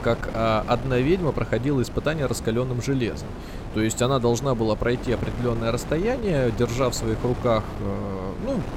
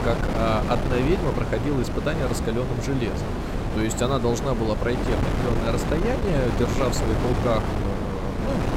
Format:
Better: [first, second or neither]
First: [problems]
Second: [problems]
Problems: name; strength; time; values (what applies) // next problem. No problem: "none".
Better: first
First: wind noise on the microphone; occasional gusts; 10 dB below the speech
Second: wind noise on the microphone; heavy; 2 dB below the speech